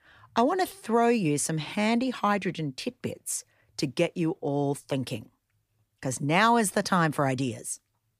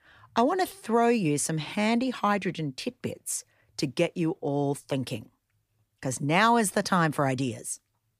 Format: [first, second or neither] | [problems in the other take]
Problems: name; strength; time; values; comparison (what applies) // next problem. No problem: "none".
neither | none